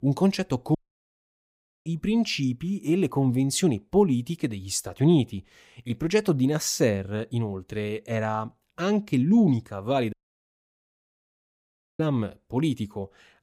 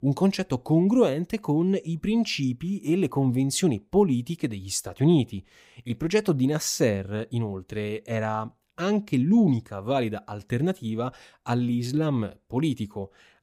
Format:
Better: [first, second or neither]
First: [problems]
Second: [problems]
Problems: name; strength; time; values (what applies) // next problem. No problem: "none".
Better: second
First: audio cutting out; at 1 s for 1 s and at 10 s for 2 s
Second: none